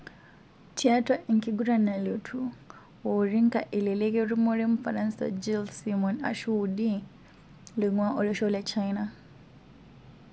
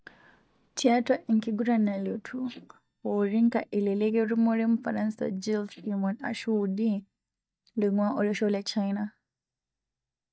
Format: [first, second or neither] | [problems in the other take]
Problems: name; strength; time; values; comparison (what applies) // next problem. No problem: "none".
first | noise reduction (neural mask model DeepFilterNet 3)